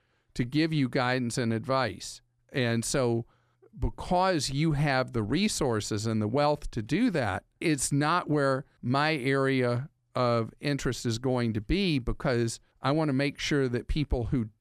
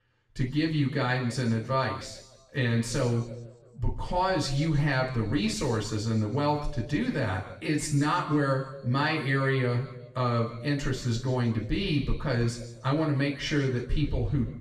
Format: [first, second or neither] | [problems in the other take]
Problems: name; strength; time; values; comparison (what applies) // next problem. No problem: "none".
first | room echo; noticeable; dies away in 1 s // off-mic speech; far